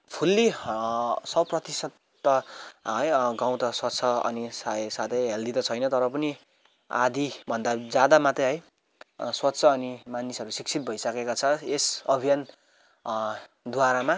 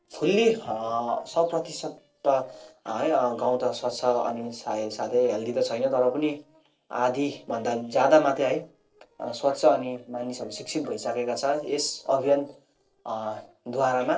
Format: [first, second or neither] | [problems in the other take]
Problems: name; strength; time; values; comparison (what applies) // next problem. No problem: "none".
first | noise reduction (neural separator model SepFormer DNS4)